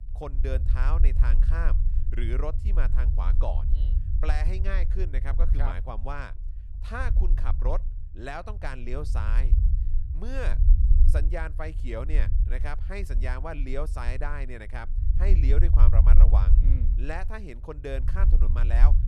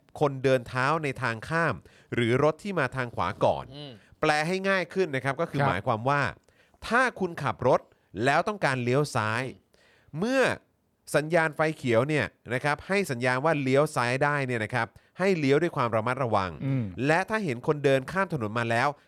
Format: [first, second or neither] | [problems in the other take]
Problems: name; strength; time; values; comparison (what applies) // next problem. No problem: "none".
second | low rumble; loud; throughout; 9 dB below the speech